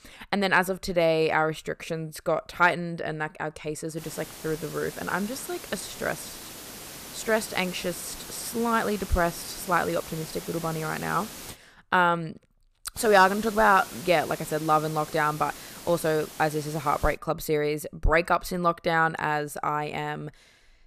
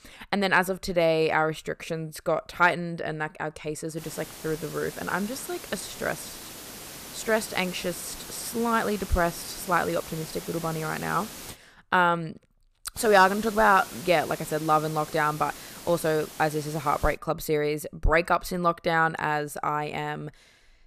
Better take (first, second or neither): neither